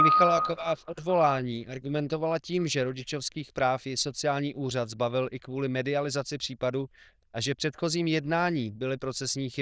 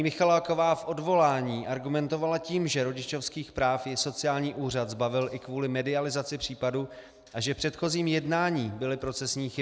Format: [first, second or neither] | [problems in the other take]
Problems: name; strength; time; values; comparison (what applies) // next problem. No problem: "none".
second | noise reduction (neural diffusion model UNIVERSE++)